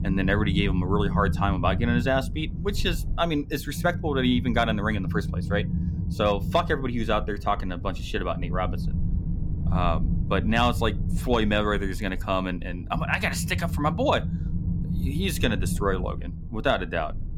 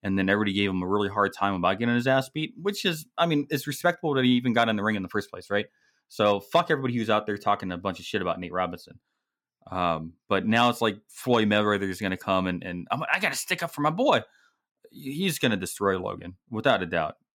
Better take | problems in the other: second | low rumble; noticeable; throughout; 15 dB below the speech

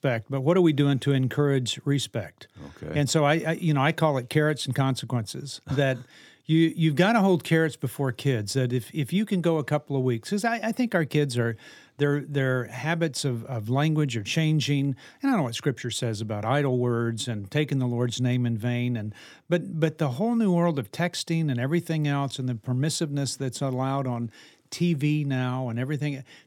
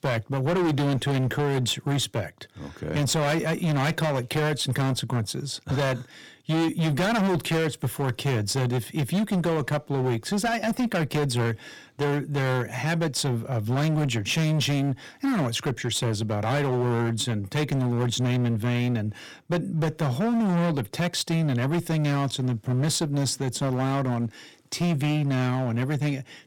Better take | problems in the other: first | distortion; heavy; 21% of the sound clipped

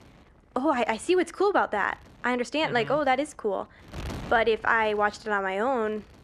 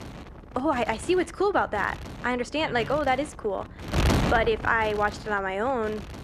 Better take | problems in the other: first | wind noise on the microphone; heavy; 10 dB below the speech; occasional gusts in the first

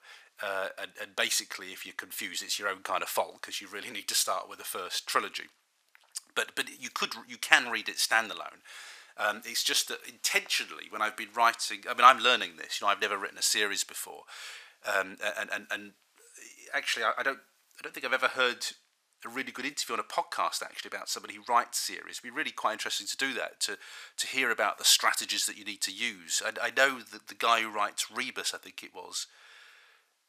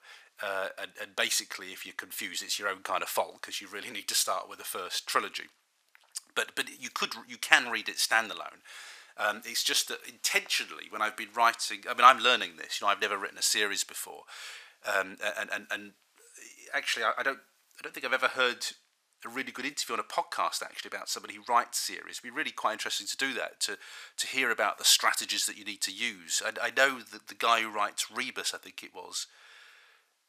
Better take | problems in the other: neither | thin; very; fading below 1 kHz; the same in both

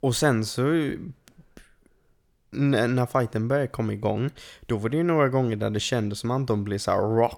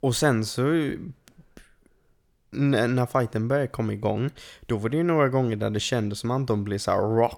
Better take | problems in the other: neither | none

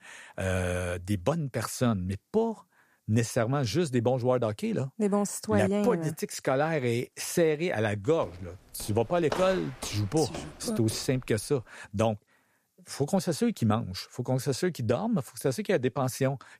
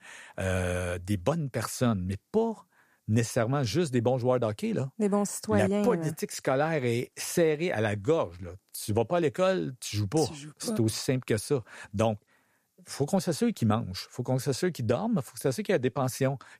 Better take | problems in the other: second | footsteps; noticeable; from 8 to 11 s; peak 6 dB below the speech

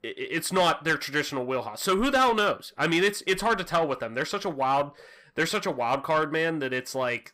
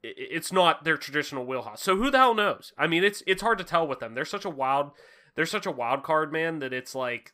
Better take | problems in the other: second | distortion; slight; 10 dB below the speech

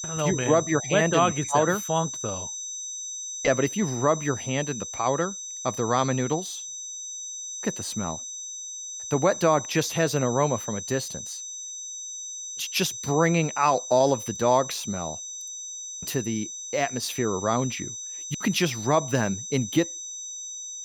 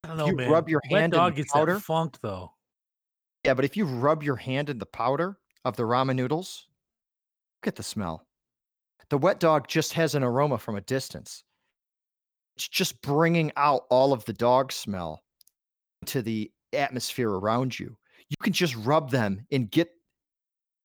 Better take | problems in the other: second | high-pitched whine; loud; throughout; 6 kHz, 8 dB below the speech

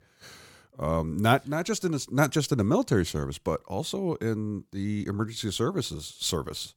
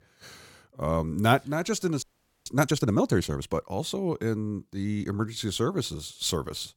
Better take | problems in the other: first | audio freezing; at 2 s

